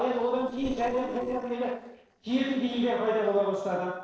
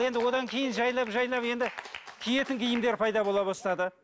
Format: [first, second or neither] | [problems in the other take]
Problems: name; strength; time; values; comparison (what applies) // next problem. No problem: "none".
second | noise reduction (neural separator model SepFormer DNS4)